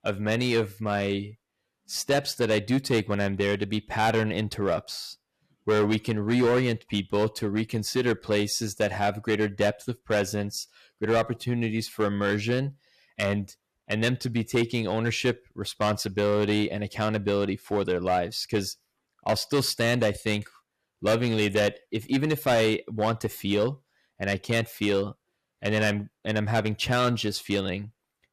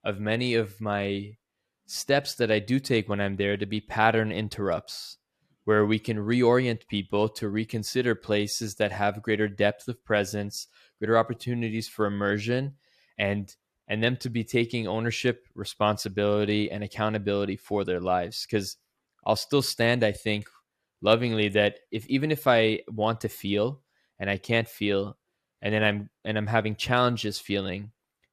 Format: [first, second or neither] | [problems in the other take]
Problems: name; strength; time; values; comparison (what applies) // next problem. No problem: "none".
second | distortion; slight; 6% of the sound clipped